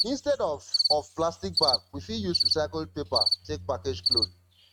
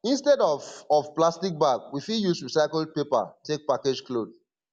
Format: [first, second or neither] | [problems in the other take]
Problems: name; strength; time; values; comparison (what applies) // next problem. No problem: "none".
second | noise reduction (neural mask model RNNoise)